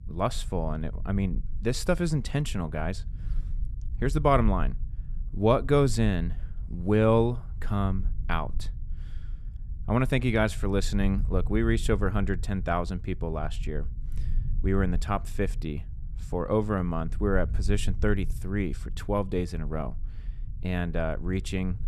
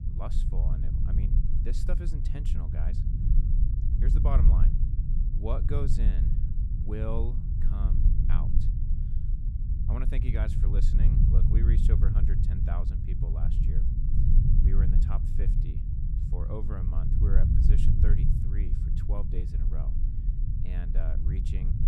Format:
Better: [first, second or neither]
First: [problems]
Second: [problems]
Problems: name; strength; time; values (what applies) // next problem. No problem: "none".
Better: first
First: low rumble; faint; throughout; 25 dB below the speech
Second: low rumble; loud; throughout; 1 dB below the speech